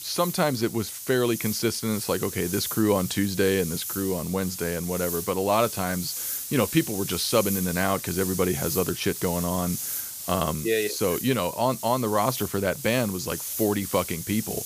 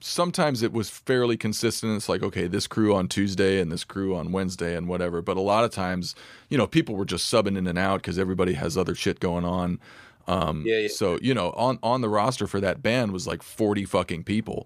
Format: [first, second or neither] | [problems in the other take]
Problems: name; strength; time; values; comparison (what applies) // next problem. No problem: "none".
second | hiss; loud; throughout; 6 dB below the speech